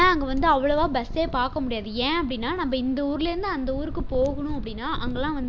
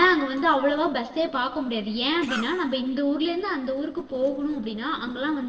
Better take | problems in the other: first | noise reduction (neural separator model SepFormer DNS4)

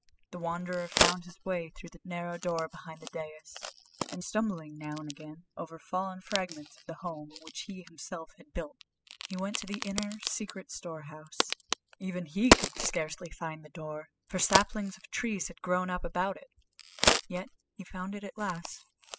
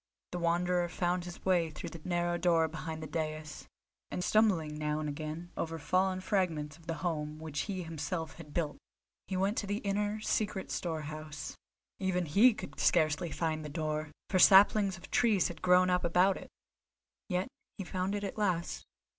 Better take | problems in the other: second | noise reduction (classical method spectral subtraction)

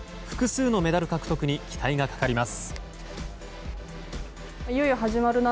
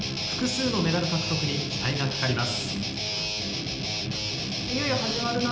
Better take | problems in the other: first | background sound (Guitar); as loud as the speech // room echo; dies away in 0.9 s

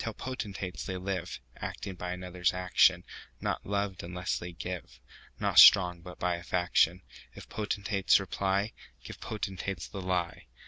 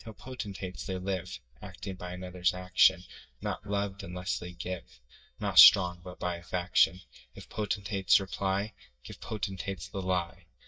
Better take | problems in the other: first | noise reduction (neural mask model DeepFilterNet 3)

